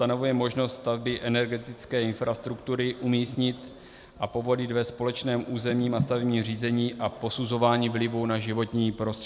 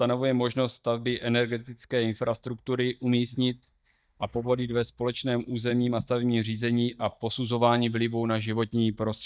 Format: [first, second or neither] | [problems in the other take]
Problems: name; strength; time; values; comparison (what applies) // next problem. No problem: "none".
first | noise reduction (neural mask model DeepFilterNet 3)